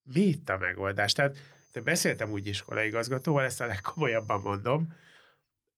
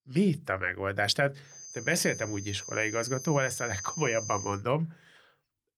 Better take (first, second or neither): first